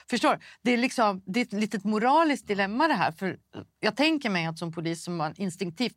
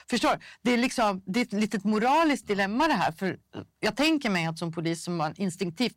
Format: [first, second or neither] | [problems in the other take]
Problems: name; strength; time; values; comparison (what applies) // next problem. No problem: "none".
first | distortion; slight; 5% of the sound clipped